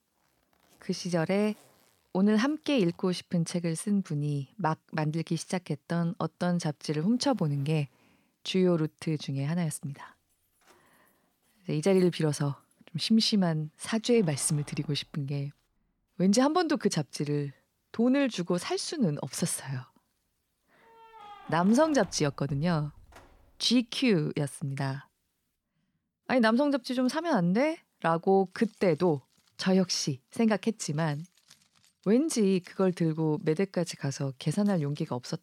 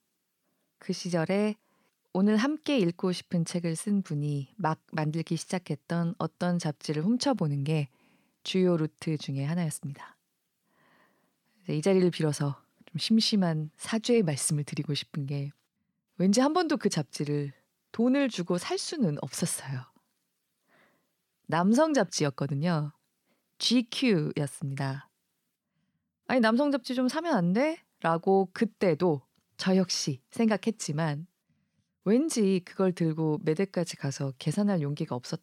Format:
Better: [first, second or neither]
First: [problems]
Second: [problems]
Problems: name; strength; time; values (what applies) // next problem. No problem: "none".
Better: second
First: household noises; faint; throughout; 30 dB below the speech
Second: none